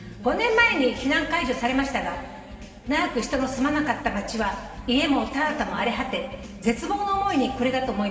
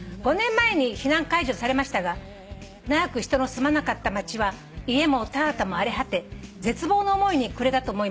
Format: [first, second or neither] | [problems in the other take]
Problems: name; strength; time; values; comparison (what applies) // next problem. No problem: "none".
second | room echo; dies away in 2.3 s